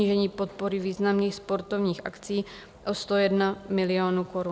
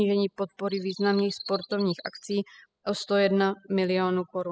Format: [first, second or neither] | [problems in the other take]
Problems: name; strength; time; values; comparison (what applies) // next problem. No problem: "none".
first | noise reduction (classical method spectral subtraction)